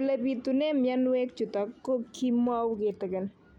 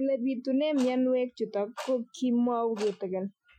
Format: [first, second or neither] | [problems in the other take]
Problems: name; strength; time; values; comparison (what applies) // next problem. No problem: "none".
first | noise reduction (classical method Wiener filter)